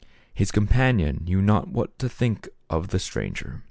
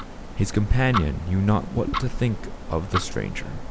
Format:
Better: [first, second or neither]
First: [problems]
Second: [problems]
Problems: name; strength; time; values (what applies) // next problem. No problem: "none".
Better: first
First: none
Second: noise reduction (neural mask model Resemble Enhance denoiser)